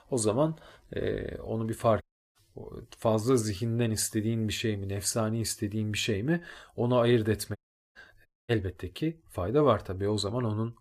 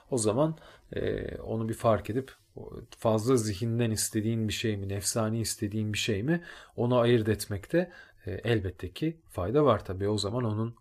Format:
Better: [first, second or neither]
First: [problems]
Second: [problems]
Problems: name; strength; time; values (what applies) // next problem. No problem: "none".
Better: second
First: audio cutting out; at 2 s, at 7.5 s and at 8.5 s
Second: none